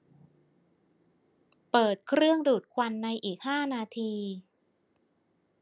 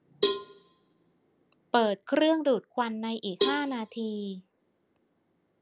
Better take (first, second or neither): first